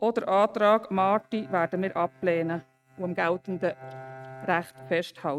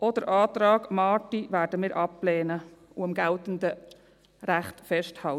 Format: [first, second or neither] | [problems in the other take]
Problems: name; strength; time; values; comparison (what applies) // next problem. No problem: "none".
second | noise reduction (neural mask model RNNoise)